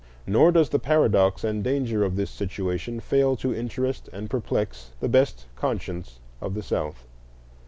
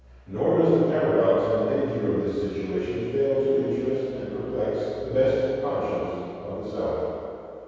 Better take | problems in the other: first | room echo; dies away in 2.2 s

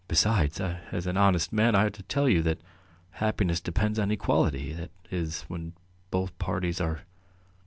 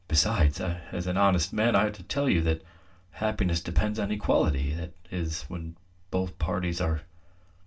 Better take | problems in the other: first | room echo; dies away in 0.2 s

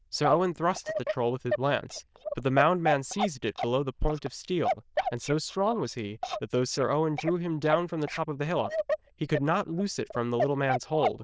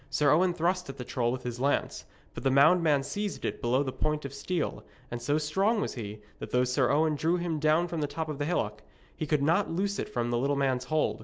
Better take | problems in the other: second | noise reduction (neural diffusion model UNIVERSE++)

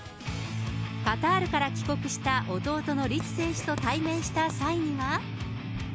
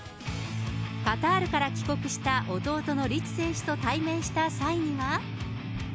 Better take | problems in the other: second | background sound (Writing); 17 dB below the speech

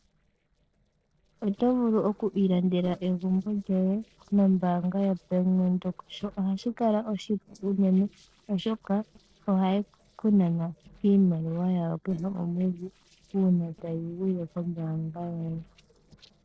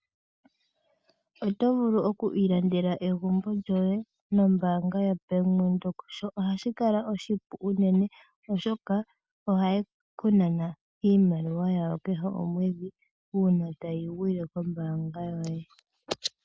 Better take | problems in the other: second | noise reduction (neural separator model SepFormer DNS4)

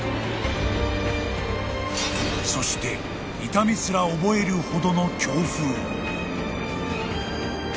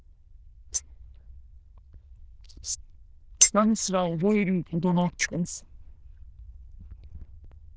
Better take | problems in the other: first | noise reduction (neural diffusion model UNIVERSE++)

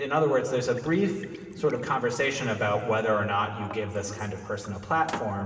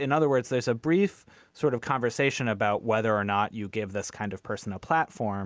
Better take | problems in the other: second | background sound (Liquid); 18 dB below the speech // room echo; dies away in 2 s

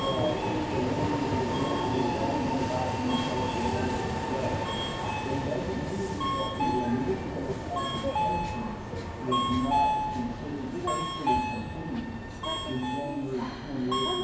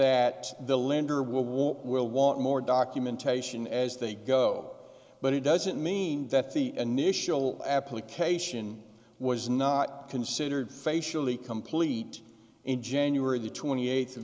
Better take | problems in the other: second | background sound (Subway, metro, underground); 3 dB above the speech // room echo; dies away in 0.9 s

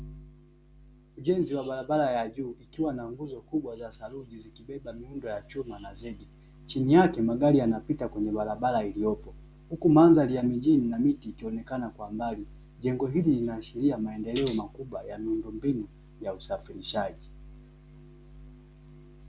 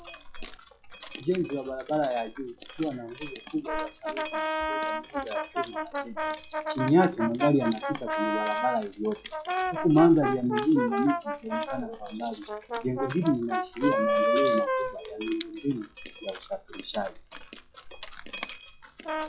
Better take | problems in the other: first | noise reduction (classical method log-MMSE)

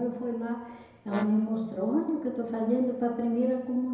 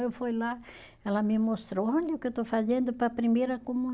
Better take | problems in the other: second | background sound (Brass instrument); 15 dB below the speech // room echo; dies away in 1 s

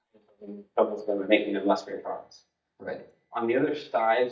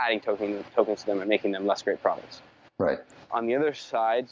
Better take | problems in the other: second | noise reduction (neural mask model DeepFilterNet 3)

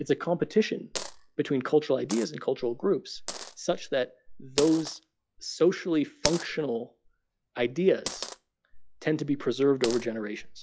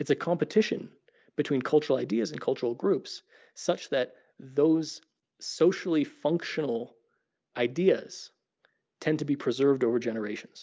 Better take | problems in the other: second | noise reduction (classical method log-MMSE)

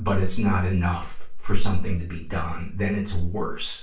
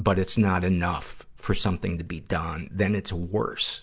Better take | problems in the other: second | room echo; dies away in 0.3 s

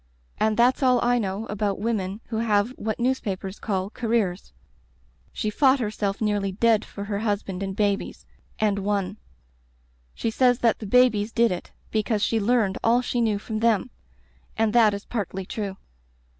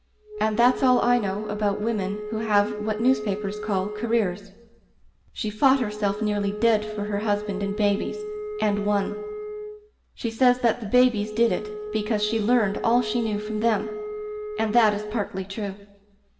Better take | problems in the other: first | background sound (Wind instrument, woodwind instrument); 9 dB below the speech // room echo; dies away in 0.9 s

